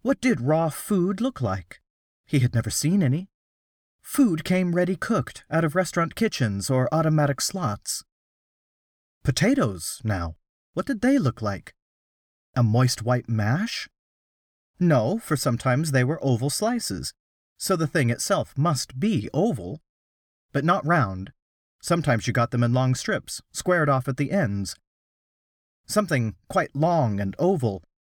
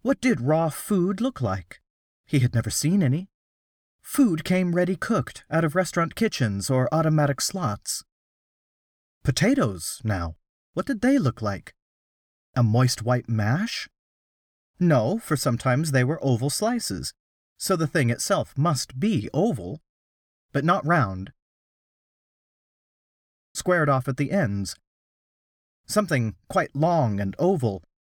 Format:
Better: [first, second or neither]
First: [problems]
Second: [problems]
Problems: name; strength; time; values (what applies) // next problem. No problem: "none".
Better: first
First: none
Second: audio cutting out; at 22 s for 2 s